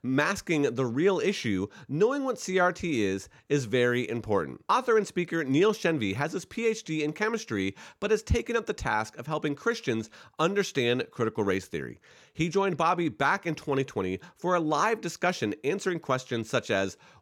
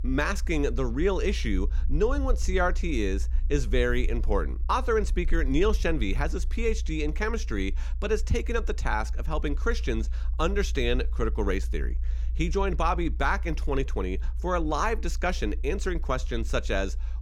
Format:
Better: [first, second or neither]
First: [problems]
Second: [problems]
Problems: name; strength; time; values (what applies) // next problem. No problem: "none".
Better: first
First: none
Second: low rumble; faint; throughout; 25 dB below the speech